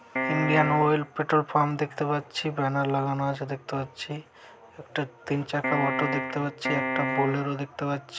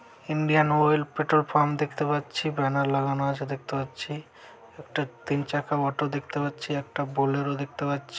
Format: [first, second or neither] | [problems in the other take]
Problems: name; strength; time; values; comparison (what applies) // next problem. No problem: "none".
second | background sound (Piano); 2 dB below the speech